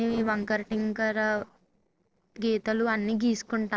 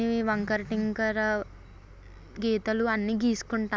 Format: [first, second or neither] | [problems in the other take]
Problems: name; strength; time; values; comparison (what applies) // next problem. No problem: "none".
second | noise reduction (neural separator model SepFormer DNS4)